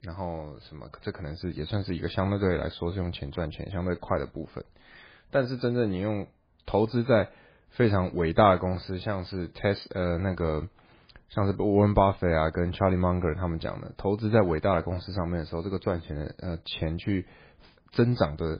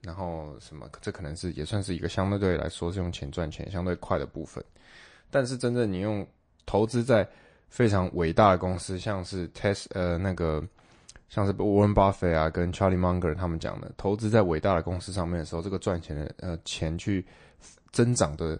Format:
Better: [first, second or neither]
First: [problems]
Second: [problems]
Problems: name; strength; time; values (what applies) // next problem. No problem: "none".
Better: second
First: garbled, watery; badly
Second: garbled, watery; slightly; nothing above 9.5 kHz